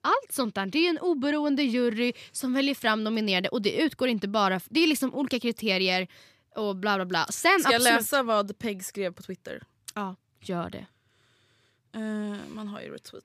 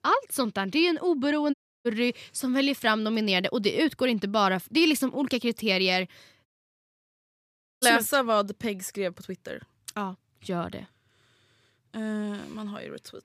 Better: first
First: none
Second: audio cutting out; at 1.5 s and at 6.5 s for 1.5 s

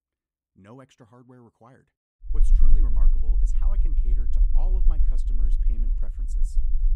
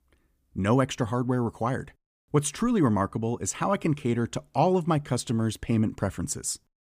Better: second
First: low rumble; loud; from 2.5 s on; 1 dB below the speech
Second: none

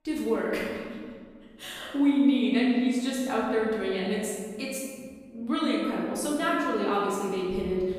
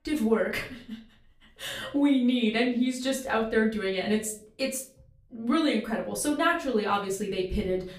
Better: second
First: room echo; strong; dies away in 1.8 s // off-mic speech; far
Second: room echo; slight; dies away in 0.5 s // off-mic speech; far

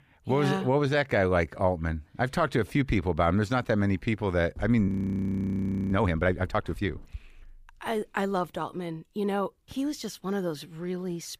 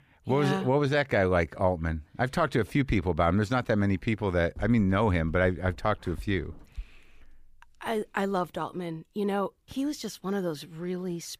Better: second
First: audio freezing; at 5 s for 1 s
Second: none

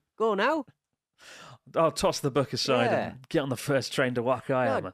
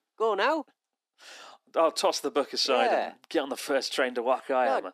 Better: first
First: none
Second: thin; somewhat; fading below 300 Hz

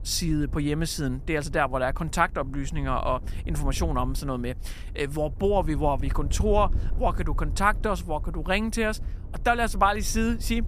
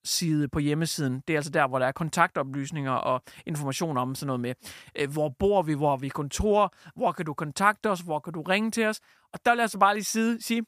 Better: second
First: wind noise on the microphone; occasional gusts; 25 dB below the speech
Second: none

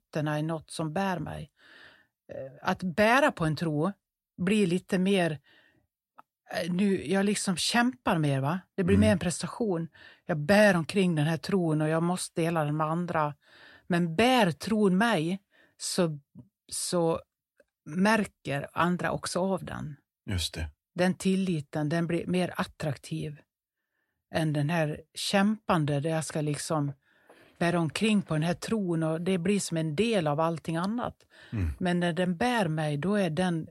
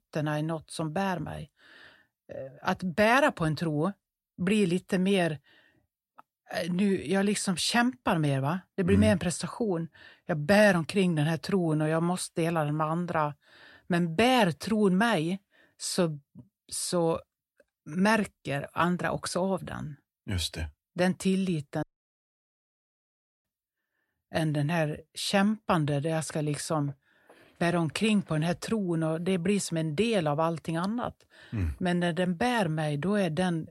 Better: first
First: none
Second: audio cutting out; at 22 s for 1.5 s

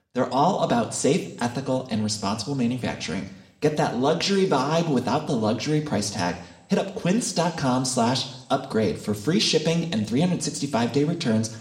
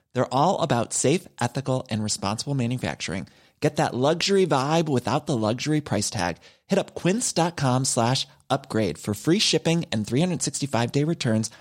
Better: second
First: room echo; very slight; dies away in 0.7 s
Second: none

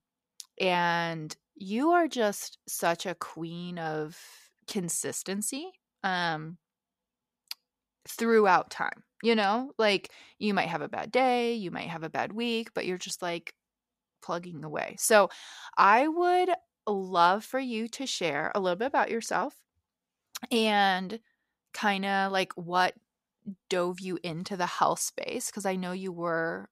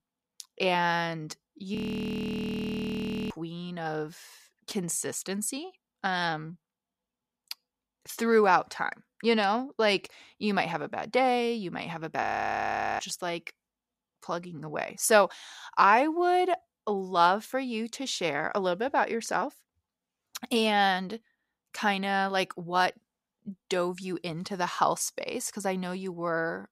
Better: first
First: none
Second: audio freezing; at 2 s for 1.5 s and at 12 s for 1 s

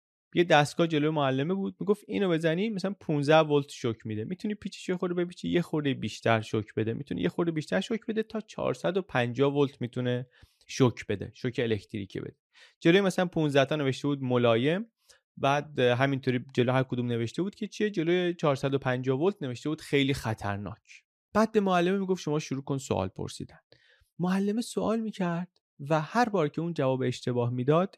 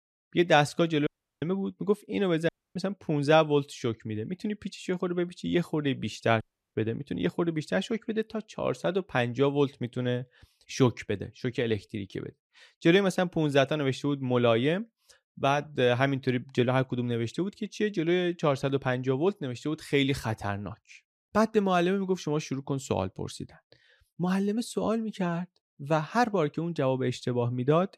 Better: first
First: none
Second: audio cutting out; at 1 s, at 2.5 s and at 6.5 s

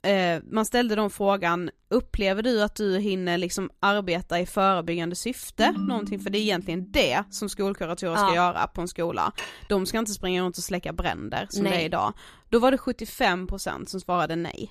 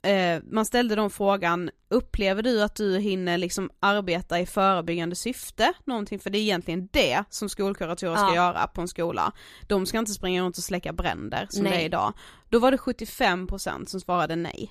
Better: second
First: phone ringing; noticeable; from 5.5 to 7 s; peak 4 dB below the speech // clattering dishes; faint; at 9.5 s; peak 10 dB below the speech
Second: none

